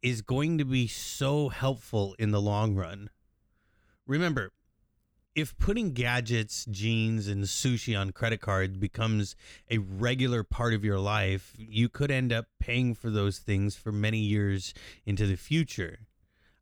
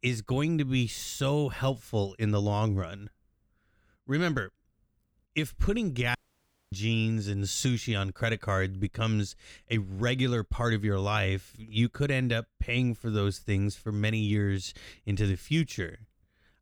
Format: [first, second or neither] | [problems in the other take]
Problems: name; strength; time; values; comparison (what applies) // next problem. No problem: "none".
first | audio cutting out; at 6 s for 0.5 s